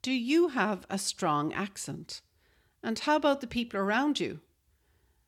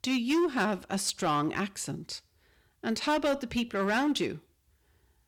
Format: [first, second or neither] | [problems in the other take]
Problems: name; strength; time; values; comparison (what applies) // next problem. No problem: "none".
first | distortion; slight; 7% of the sound clipped